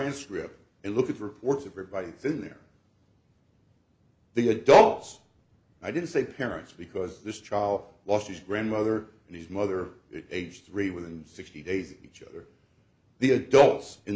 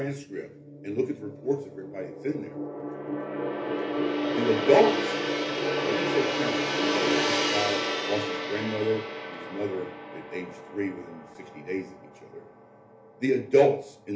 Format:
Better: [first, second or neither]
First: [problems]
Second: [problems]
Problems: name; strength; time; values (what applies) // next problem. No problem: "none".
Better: first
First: none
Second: background sound (Gong); 1 dB below the speech // room echo; dies away in 0.3 s